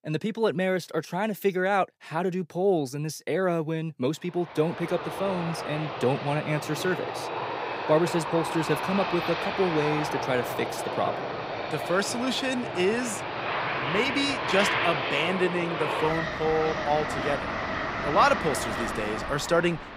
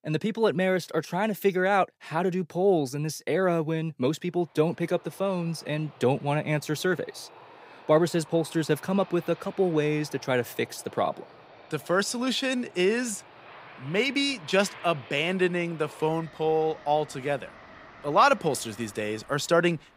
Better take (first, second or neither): second